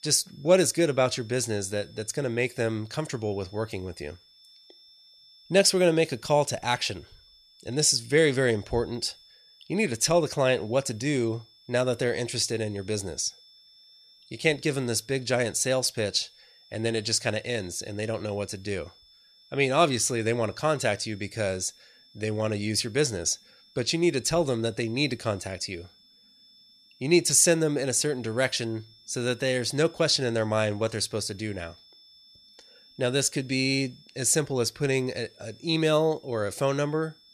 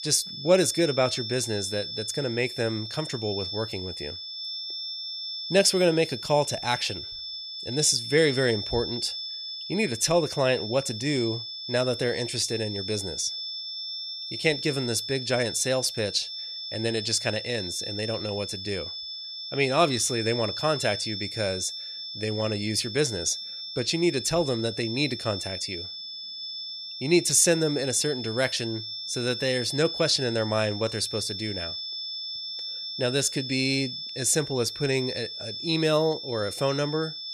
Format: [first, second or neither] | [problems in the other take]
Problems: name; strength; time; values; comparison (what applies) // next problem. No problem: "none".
first | high-pitched whine; loud; throughout; 5.5 kHz, 6 dB below the speech; faint in the first